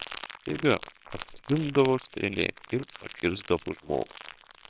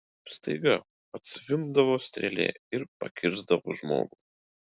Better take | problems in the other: second | noise reduction (neural separator model SepFormer WHAMR!)

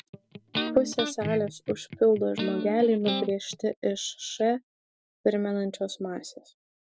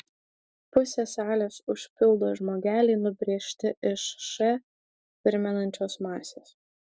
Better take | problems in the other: second | background sound (Electric guitar); 6 dB below the speech

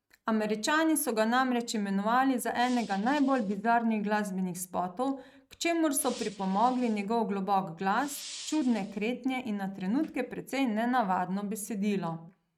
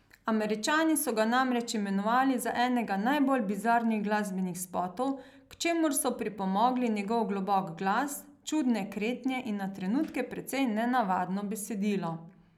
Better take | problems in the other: second | noise reduction (neural mask model RNNoise)

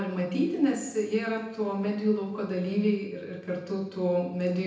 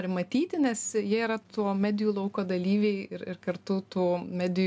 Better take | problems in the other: second | room echo; dies away in 0.9 s

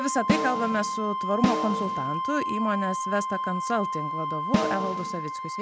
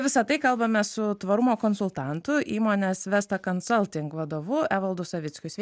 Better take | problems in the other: second | background sound (Wind instrument, woodwind instrument + Snare drum); 1 dB above the speech

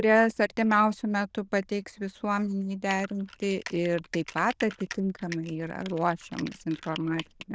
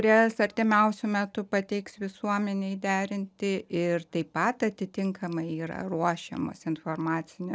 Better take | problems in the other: second | noise reduction (neural diffusion model UNIVERSE++)

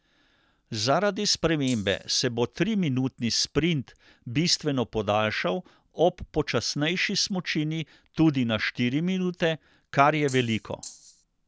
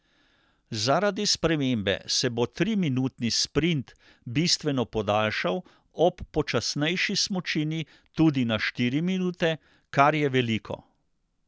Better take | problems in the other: second | background sound (Rattle (instrument)); 18 dB below the speech

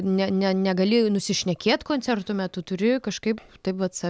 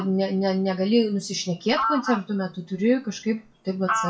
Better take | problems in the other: first | noise reduction (classical method WPE with log-MMSE)

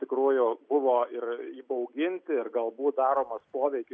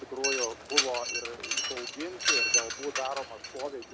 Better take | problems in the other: first | background sound (Mechanisms); 5 dB above the speech

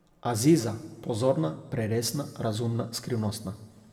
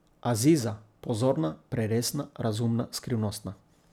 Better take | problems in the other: second | room echo; dies away in 1.3 s

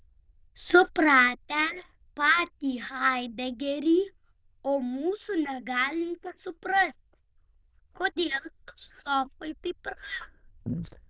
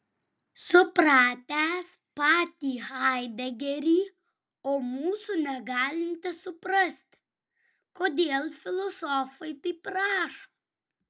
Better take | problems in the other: second | noise reduction (neural diffusion model UNIVERSE++)

